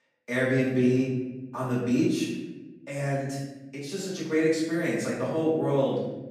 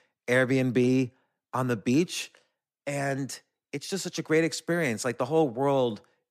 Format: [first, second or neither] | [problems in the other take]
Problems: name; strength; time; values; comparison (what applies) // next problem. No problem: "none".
second | room echo; noticeable; dies away in 1.1 s // off-mic speech; far